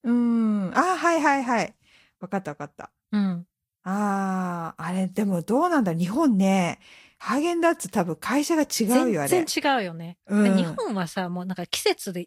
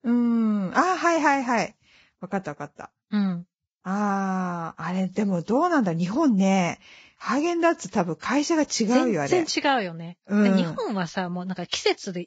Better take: first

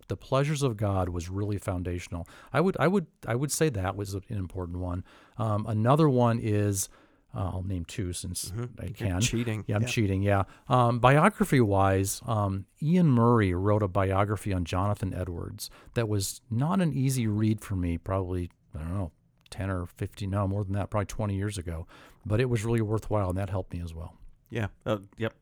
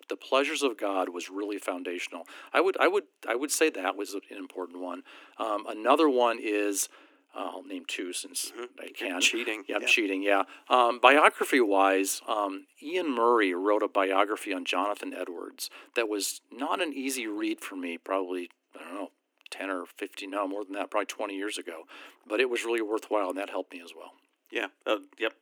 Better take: first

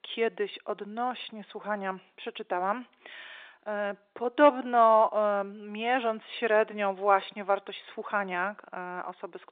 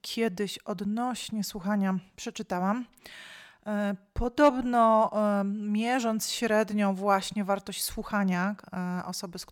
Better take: second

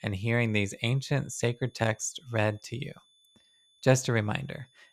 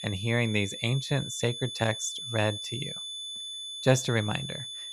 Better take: first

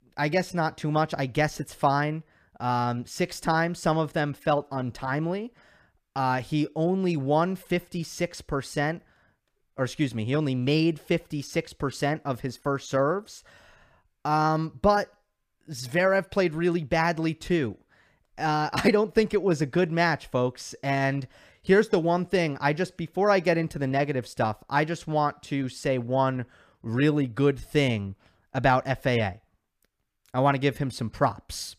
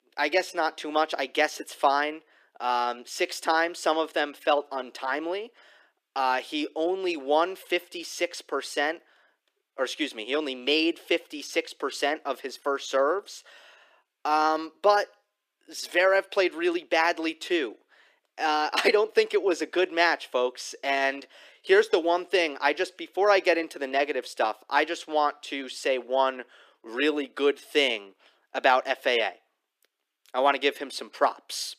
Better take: first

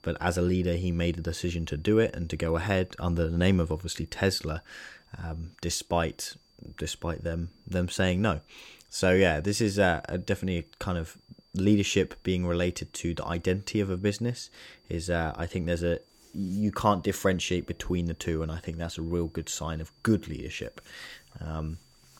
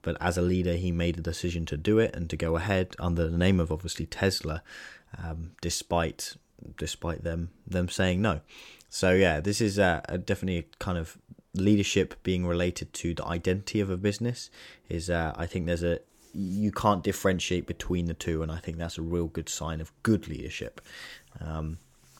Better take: second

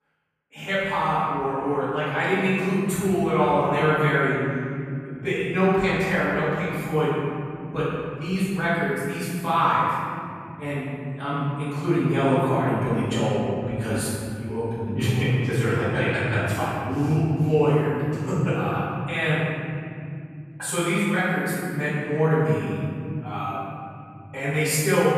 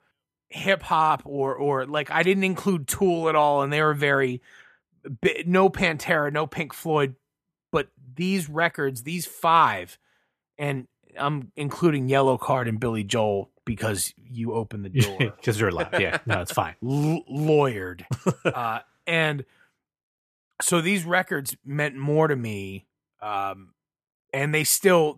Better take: second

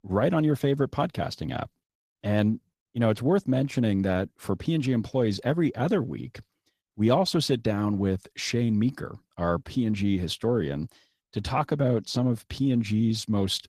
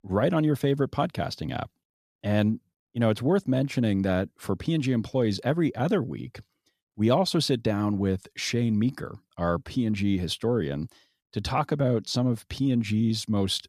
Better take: second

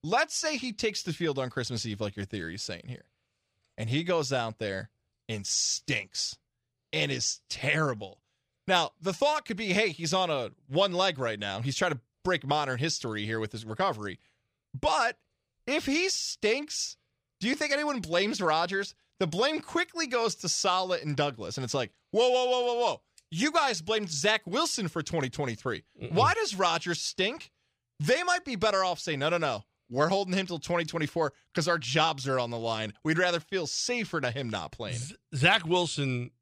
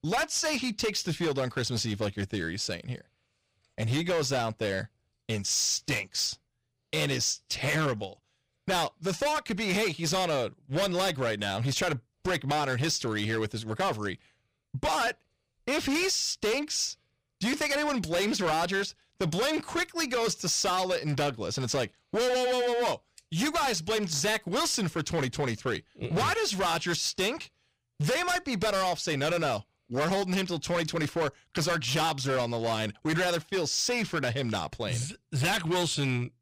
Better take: first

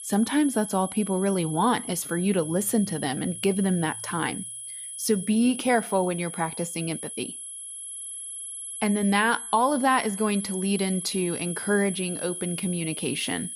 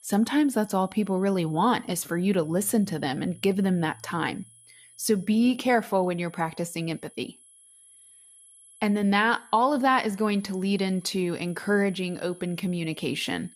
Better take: second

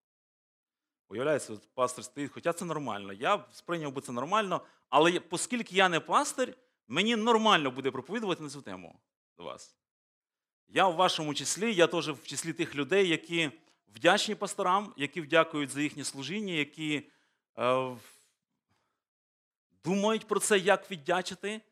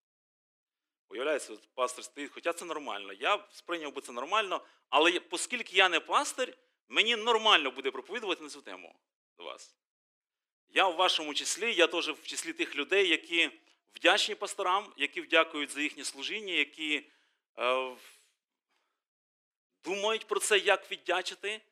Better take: first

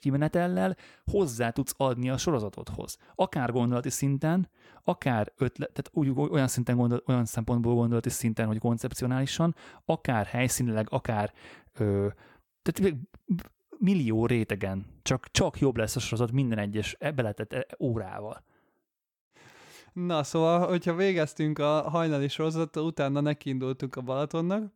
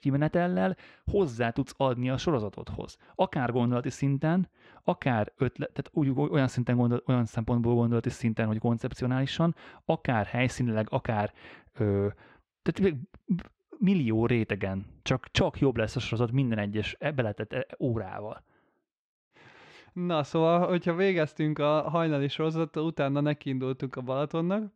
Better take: first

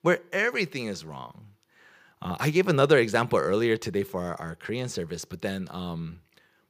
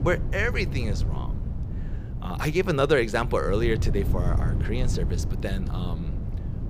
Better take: first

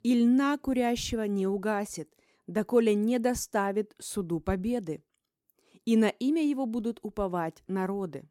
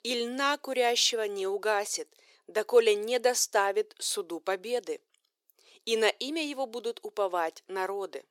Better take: first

